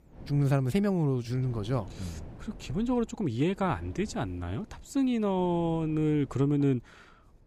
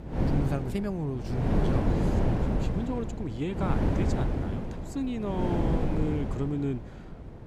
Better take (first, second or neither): first